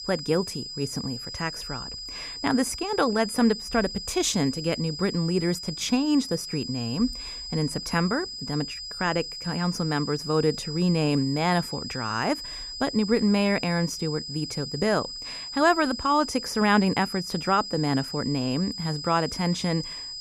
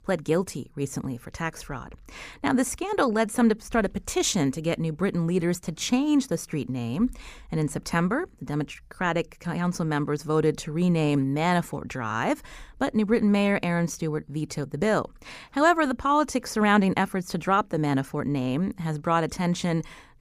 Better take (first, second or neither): second